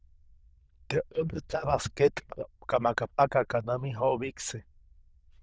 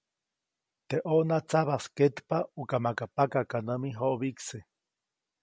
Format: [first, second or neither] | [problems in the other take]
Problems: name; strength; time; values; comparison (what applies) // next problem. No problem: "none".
second | noise reduction (neural diffusion model UNIVERSE++)